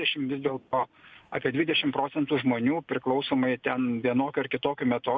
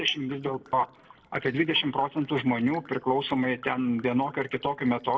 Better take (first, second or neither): first